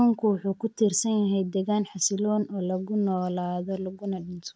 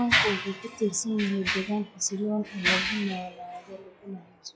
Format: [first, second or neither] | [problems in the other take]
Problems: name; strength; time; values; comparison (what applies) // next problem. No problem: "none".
first | noise reduction (classical method log-MMSE)